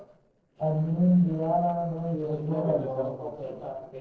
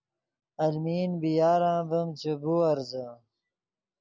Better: second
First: noise reduction (neural separator model SepFormer DNS4)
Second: none

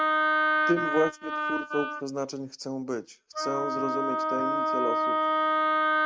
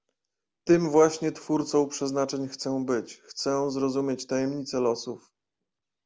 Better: second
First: noise reduction (neural mask model RNNoise)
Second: none

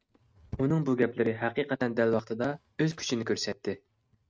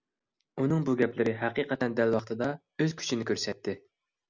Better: second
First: noise reduction (neural mask model RNNoise)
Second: none

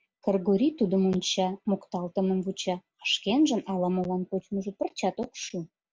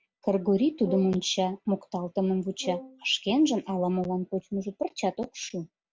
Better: first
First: none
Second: background sound (Brass instrument); 14 dB below the speech

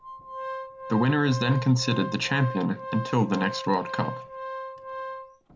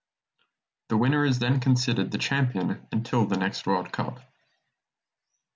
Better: second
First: background sound (Organ); 9 dB below the speech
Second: none

